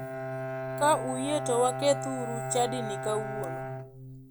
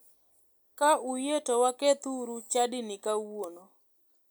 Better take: second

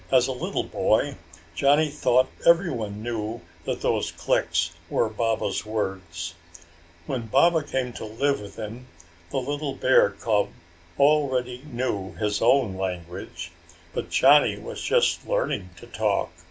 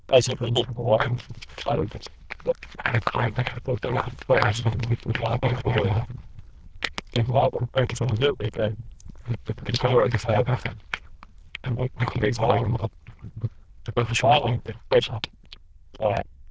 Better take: first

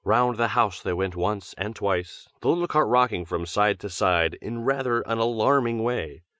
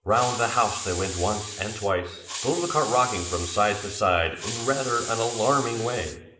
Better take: first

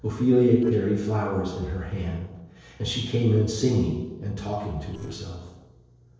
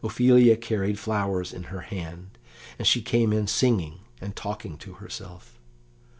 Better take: second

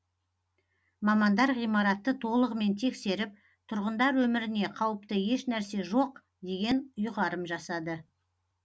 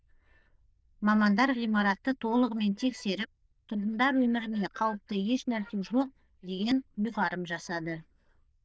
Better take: first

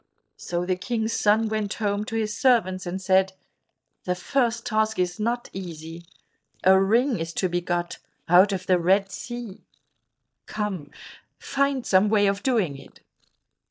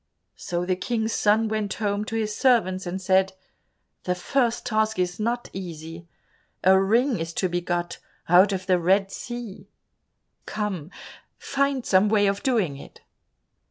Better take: second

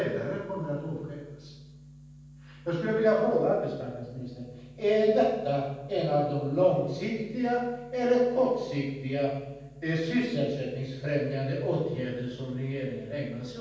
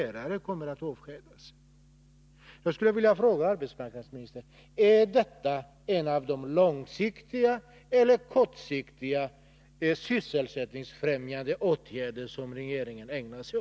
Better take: second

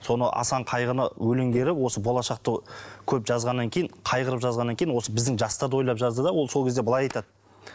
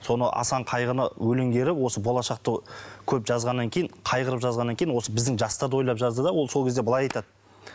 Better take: second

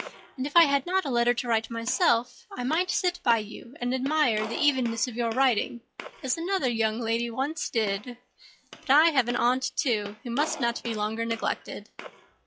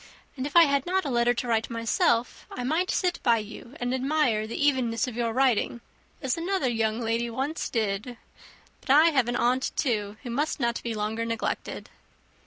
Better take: second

